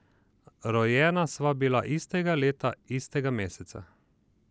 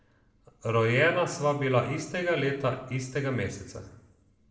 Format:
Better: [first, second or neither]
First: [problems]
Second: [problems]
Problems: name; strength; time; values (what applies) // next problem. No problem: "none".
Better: first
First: none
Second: room echo; dies away in 0.7 s